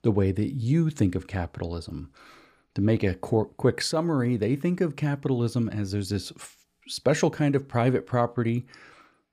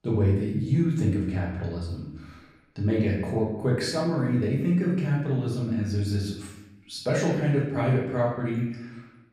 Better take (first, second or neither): first